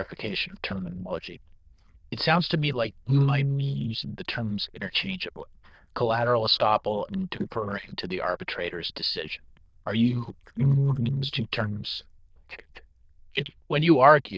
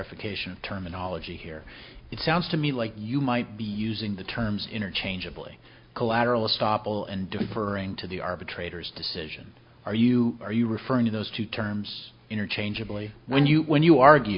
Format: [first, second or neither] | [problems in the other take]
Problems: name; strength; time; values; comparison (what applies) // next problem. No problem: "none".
second | noise reduction (neural diffusion model UNIVERSE++)